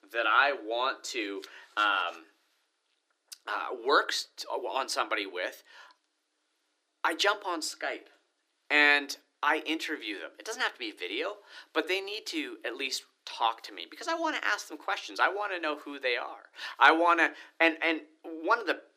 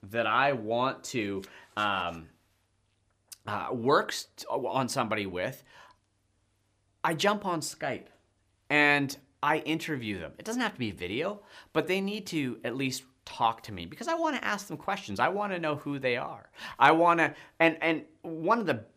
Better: second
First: thin; somewhat; fading below 300 Hz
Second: none

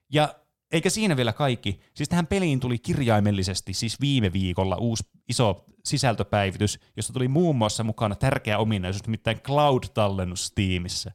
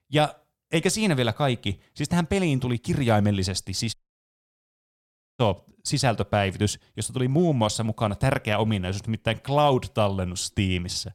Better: first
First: none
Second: audio cutting out; at 4 s for 1.5 s

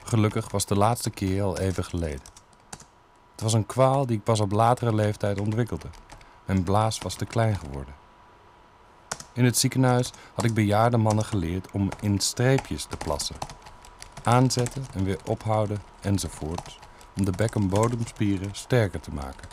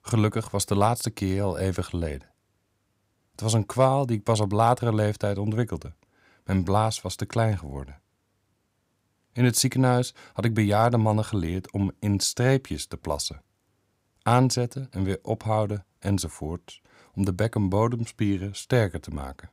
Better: second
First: household noises; noticeable; throughout; 20 dB below the speech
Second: none

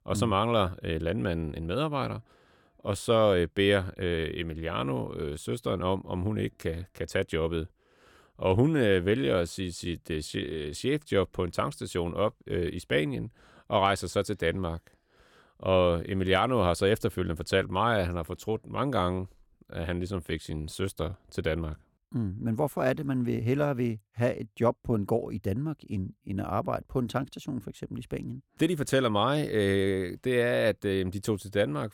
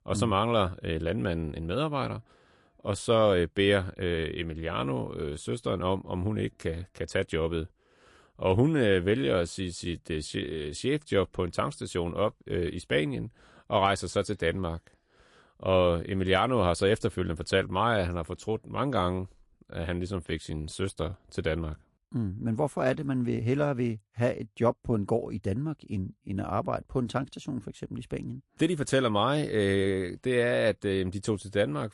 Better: first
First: none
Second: garbled, watery; slightly; nothing above 11 kHz

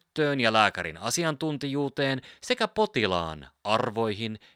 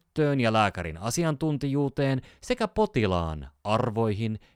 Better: second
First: thin; very slightly; fading below 300 Hz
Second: none

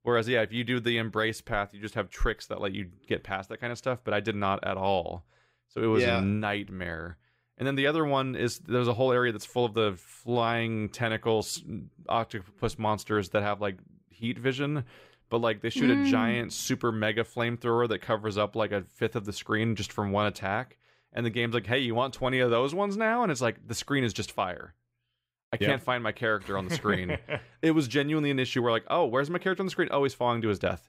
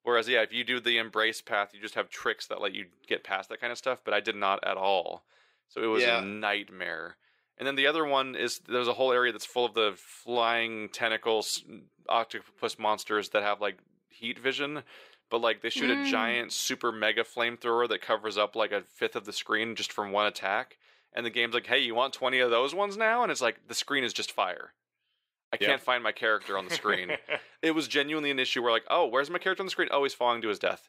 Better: first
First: none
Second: thin; somewhat; fading below 400 Hz

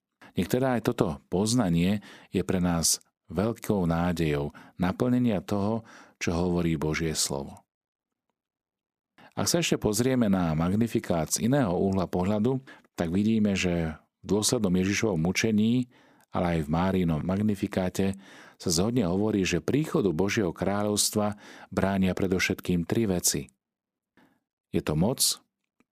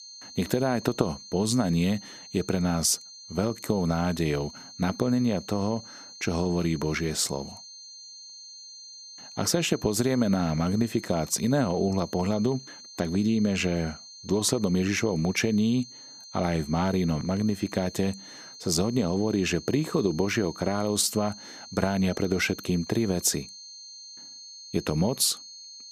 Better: first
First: none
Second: high-pitched whine; noticeable; throughout; 4 kHz, 15 dB below the speech

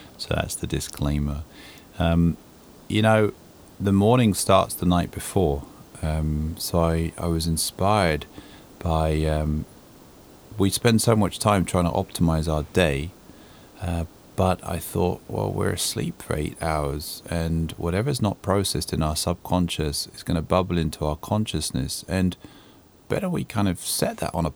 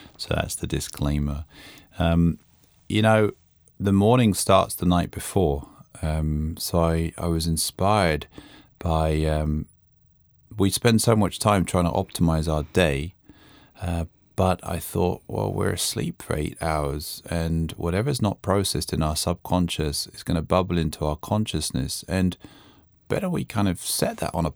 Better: second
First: hiss; faint; throughout; 25 dB below the speech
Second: none

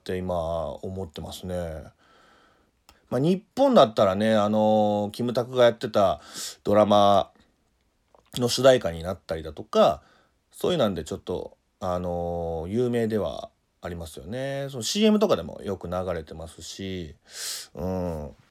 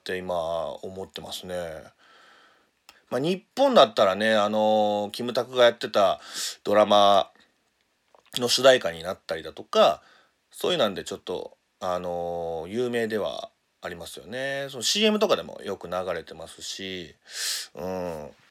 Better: first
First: none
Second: thin; very slightly; fading below 850 Hz

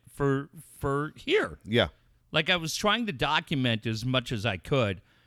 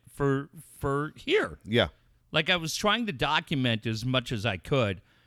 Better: neither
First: none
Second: none

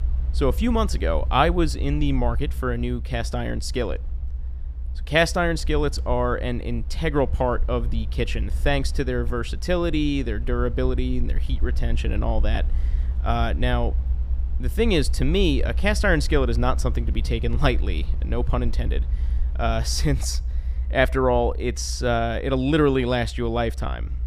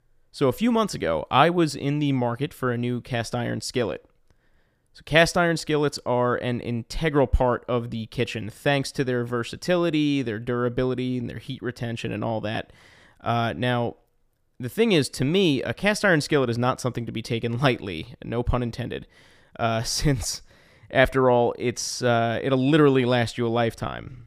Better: second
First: low rumble; faint; throughout; 20 dB below the speech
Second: none

